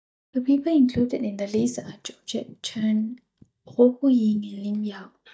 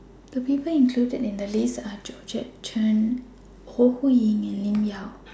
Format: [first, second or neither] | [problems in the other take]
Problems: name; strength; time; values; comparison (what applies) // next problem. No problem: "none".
second | noise reduction (neural mask model DeepFilterNet 3)